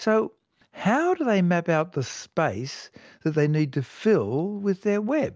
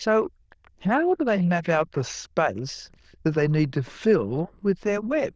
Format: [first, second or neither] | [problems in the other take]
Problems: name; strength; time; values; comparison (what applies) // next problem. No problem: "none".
first | noise reduction (neural diffusion model UNIVERSE++)